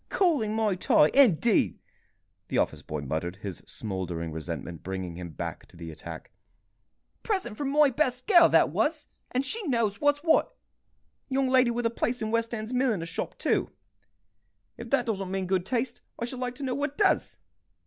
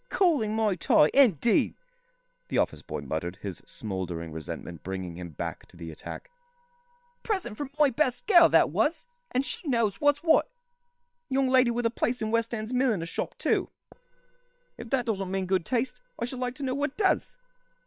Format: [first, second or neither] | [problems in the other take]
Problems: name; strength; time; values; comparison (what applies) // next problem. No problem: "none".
first | noise reduction (neural separator model SepFormer WHAM!)